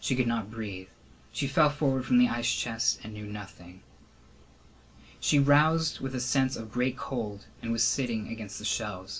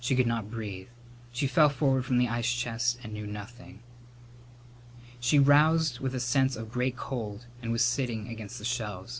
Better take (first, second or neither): second